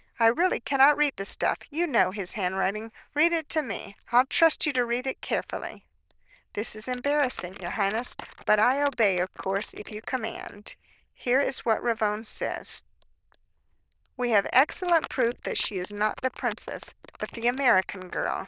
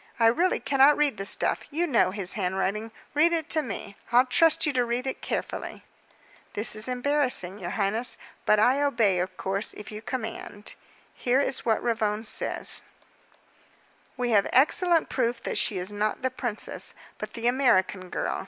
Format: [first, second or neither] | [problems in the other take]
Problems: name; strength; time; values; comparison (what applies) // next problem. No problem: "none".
second | noise reduction (neural diffusion model UNIVERSE++)